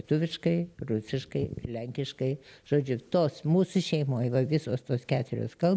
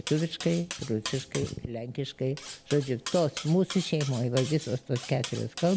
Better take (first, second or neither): first